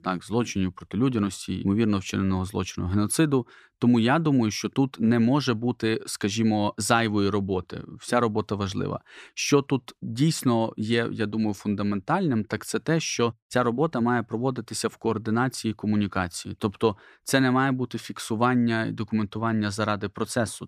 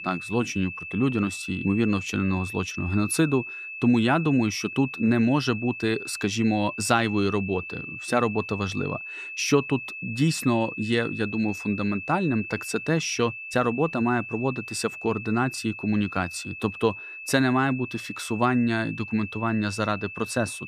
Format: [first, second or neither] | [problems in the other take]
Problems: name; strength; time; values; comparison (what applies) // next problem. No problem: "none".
first | high-pitched whine; loud; throughout; 2.5 kHz, 9 dB below the speech